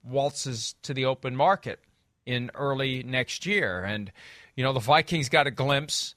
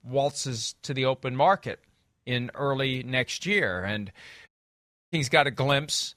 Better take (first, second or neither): first